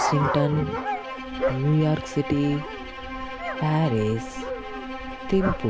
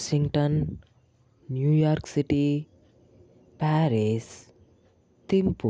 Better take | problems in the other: second | background sound (Bowed string instrument + Dog); 4 dB below the speech

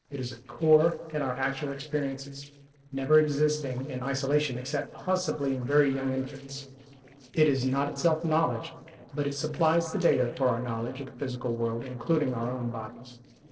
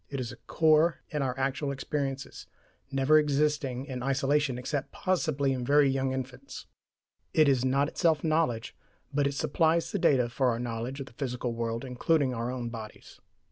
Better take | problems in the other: second | noise reduction (neural separator model SepFormer DNS4)

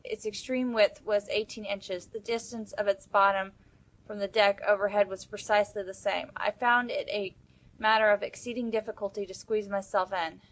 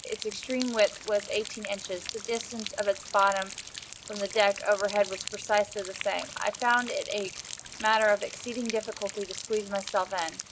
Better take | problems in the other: first | background sound (Rain); 11 dB below the speech

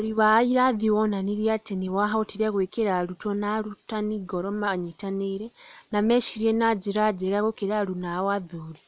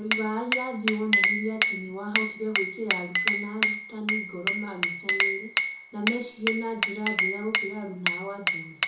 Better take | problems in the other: first | background sound (Glass); 4 dB above the speech // room echo; dies away in 0.6 s

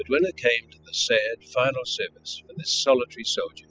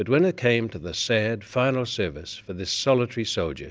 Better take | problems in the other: second | noise reduction (classical method spectral subtraction)

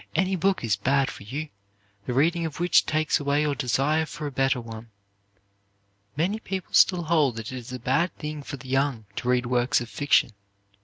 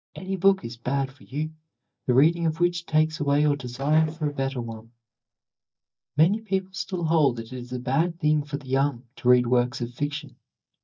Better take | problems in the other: first | noise reduction (neural mask model DeepFilterNet 3)

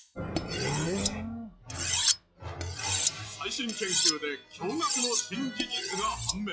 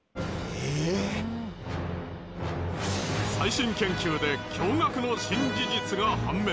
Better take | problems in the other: second | noise reduction (classical method log-MMSE)

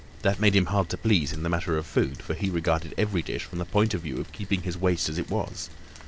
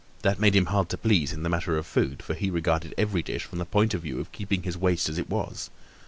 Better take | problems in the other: second | background sound (Rain); 19 dB below the speech

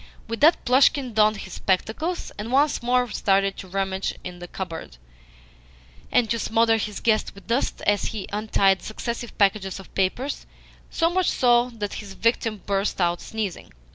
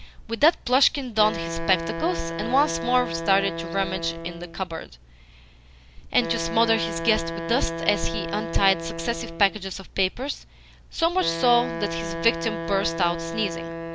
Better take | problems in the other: first | background sound (Wind instrument, woodwind instrument); 7 dB below the speech

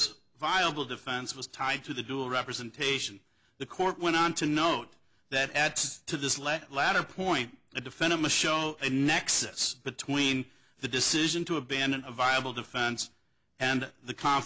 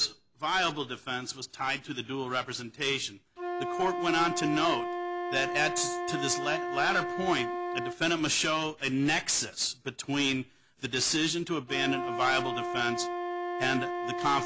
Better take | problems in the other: first | background sound (Wind instrument, woodwind instrument); 5 dB below the speech

